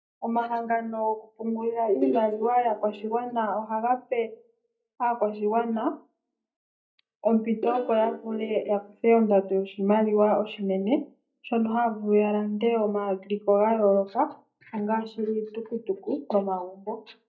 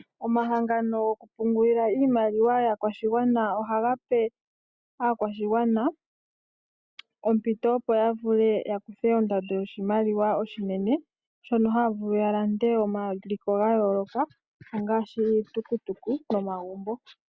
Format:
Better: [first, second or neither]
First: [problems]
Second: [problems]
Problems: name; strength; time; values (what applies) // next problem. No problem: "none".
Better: second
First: noise reduction (neural mask model DeepFilterNet 3)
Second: none